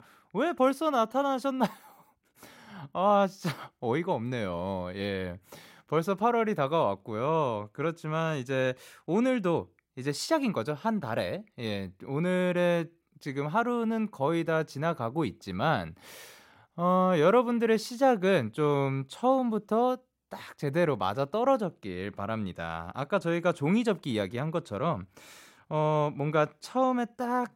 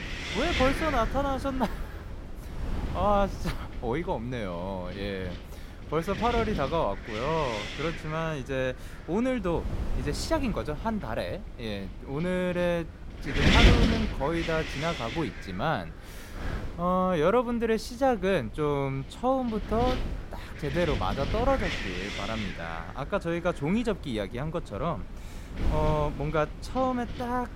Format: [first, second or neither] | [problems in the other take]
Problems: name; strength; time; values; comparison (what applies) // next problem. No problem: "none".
first | wind noise on the microphone; heavy; 4 dB below the speech